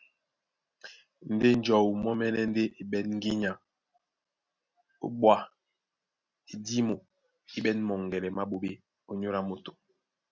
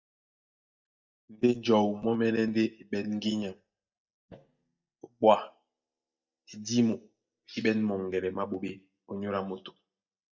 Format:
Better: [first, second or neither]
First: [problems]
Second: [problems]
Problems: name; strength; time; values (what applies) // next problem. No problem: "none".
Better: first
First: none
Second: noise reduction (neural mask model DeepFilterNet 3)